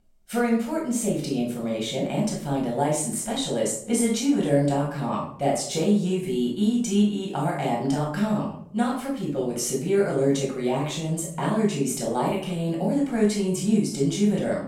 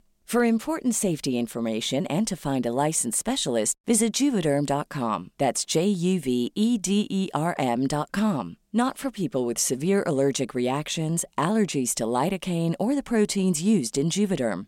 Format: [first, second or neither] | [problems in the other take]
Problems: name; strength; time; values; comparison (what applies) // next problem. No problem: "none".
second | off-mic speech; far // room echo; noticeable; dies away in 0.5 s